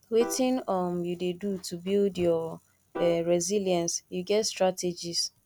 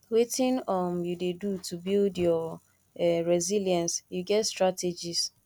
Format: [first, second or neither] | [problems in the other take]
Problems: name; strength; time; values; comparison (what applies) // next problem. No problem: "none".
second | background sound (Piano); 17 dB below the speech